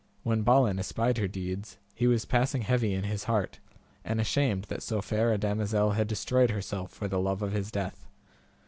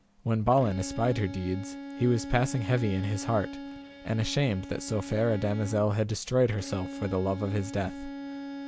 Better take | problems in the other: first | background sound (Bowed string instrument); 11 dB below the speech

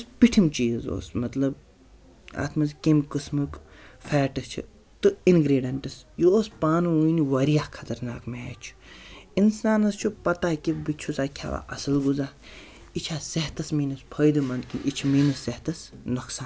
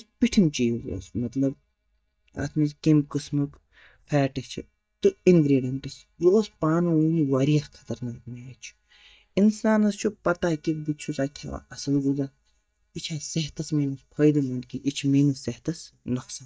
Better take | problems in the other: first | noise reduction (neural mask model DeepFilterNet 3)

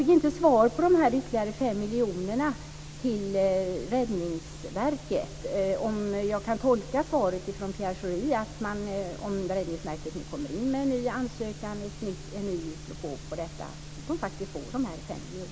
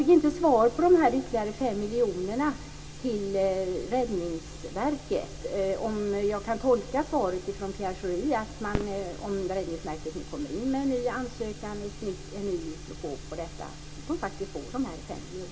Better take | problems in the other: first | background sound (Fireworks); 13 dB below the speech // room echo; dies away in 0.3 s

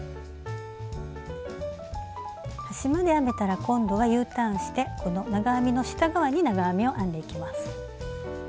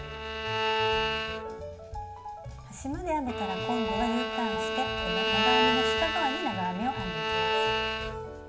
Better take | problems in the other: first | background sound (Bowed string instrument); 4 dB above the speech // room echo; dies away in 0.8 s

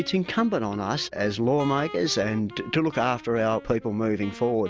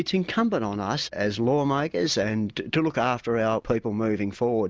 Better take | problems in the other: second | background sound (Wind instrument, woodwind instrument); 18 dB below the speech

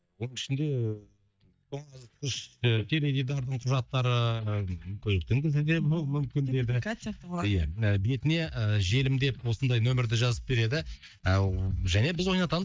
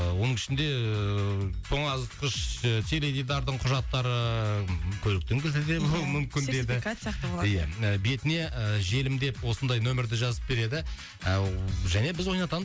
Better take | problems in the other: second | noise reduction (neural mask model DeepFilterNet 3)

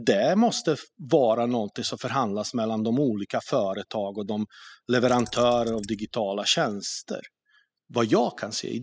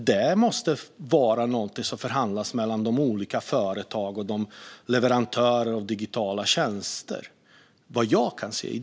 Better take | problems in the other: second | noise reduction (classical method spectral subtraction)

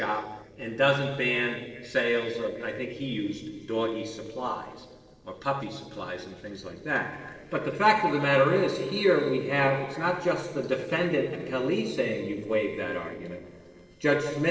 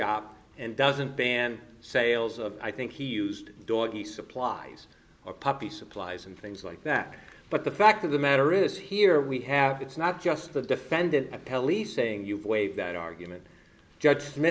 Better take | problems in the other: second | noise reduction (neural separator model SepFormer DNS4)

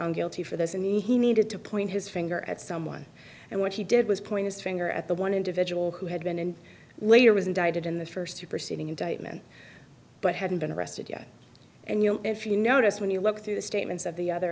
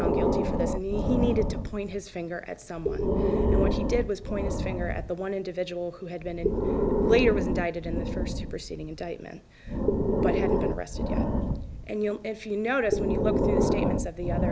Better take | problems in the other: first | background sound (Breathing); 4 dB above the speech

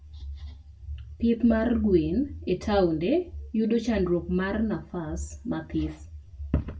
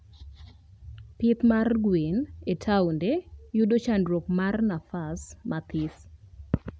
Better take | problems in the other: second | room echo; dies away in 0.2 s

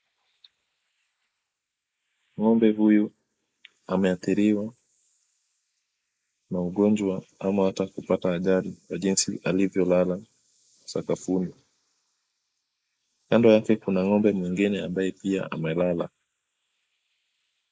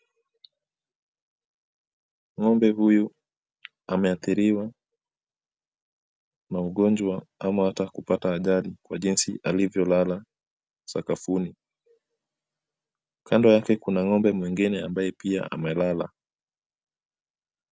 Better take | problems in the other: second | noise reduction (neural mask model Resemble Enhance denoiser)

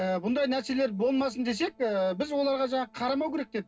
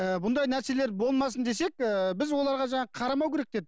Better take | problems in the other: second | noise reduction (neural separator model SepFormer DNS4)

